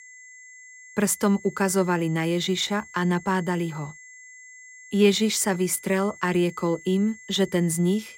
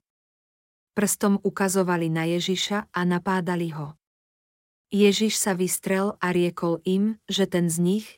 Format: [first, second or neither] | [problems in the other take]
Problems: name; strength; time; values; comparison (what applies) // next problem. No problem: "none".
second | high-pitched whine; noticeable; throughout; 2 kHz, 20 dB below the speech